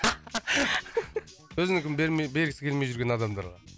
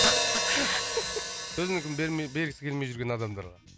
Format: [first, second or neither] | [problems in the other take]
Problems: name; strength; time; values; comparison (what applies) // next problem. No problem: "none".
first | background sound (Hi-hat); as loud as the speech